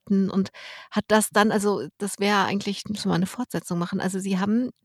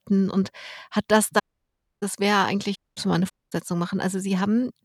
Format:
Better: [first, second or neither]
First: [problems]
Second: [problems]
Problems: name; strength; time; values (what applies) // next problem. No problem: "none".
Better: first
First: none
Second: audio cutting out; at 1.5 s for 0.5 s, at 3 s and at 3.5 s